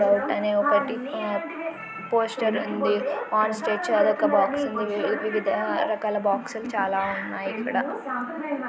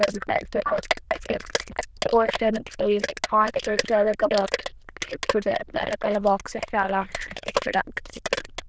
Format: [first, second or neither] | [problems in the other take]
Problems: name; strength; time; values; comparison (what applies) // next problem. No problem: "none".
first | noise reduction (neural diffusion model UNIVERSE++)